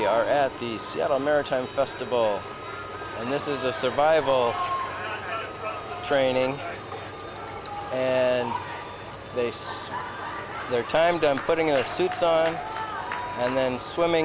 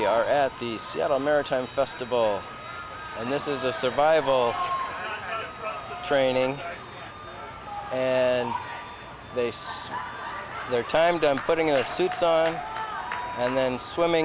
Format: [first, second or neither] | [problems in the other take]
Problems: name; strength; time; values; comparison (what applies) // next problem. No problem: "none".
second | background sound (Engine); 15 dB below the speech